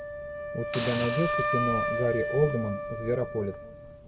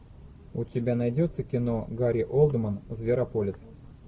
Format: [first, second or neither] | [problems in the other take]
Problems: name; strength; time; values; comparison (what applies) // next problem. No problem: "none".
second | background sound (Wind instrument, woodwind instrument + Hiss); 1 dB below the speech